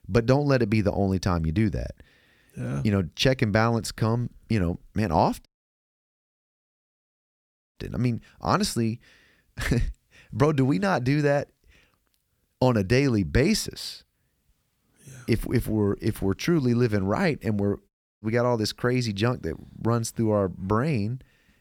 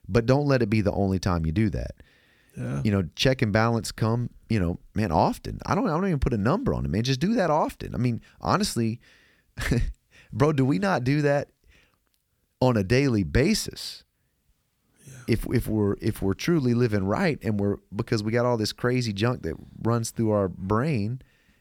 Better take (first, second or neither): second